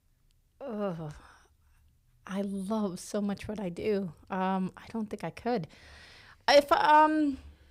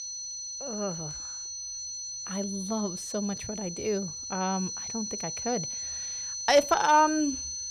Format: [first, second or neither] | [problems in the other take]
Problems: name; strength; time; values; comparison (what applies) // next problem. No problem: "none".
first | high-pitched whine; loud; throughout; 6 kHz, 5 dB below the speech